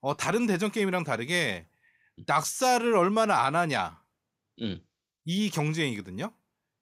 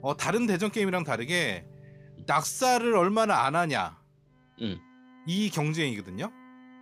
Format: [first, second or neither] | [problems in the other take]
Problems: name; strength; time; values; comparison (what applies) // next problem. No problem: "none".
first | background music; faint; throughout; 25 dB below the speech